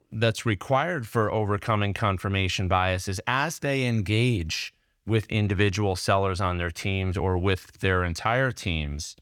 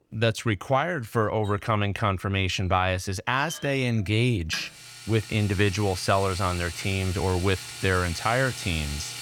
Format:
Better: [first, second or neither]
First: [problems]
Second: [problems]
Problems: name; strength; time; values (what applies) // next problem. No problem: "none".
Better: first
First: none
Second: household noises; noticeable; throughout; 10 dB below the speech